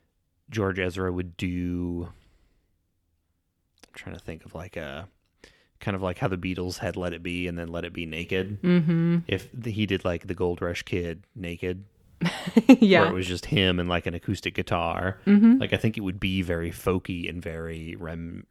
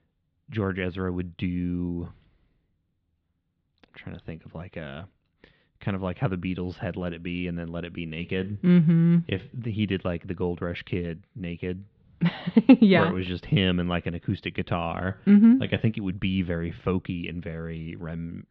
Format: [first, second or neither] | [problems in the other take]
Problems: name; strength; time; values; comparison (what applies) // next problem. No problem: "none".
first | muffled; slightly; fading above 4 kHz